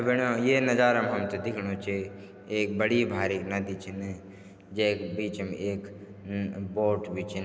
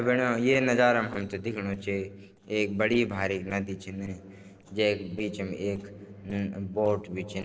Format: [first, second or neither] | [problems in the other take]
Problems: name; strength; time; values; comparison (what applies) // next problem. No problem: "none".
first | noise reduction (neural separator model SepFormer DNS4)